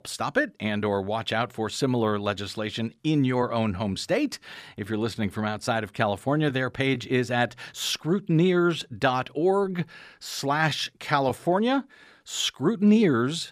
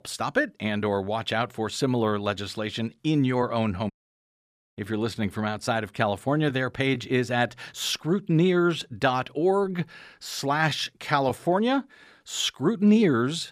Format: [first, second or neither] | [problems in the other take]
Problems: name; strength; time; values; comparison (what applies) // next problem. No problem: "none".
first | audio cutting out; at 4 s for 1 s